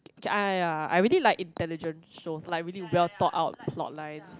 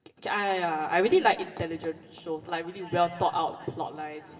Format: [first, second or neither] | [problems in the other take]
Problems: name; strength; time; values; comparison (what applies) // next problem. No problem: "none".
first | room echo; dies away in 2 s